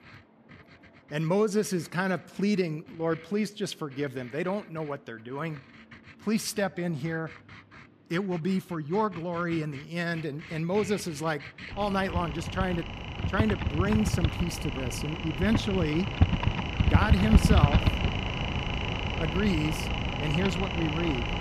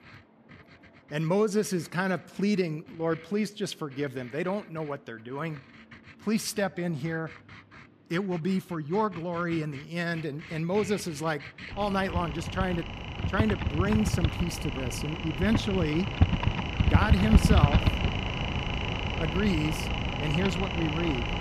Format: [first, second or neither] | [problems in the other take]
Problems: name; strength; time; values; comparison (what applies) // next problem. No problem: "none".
neither | household noises; very loud; throughout; 1 dB above the speech; the same in both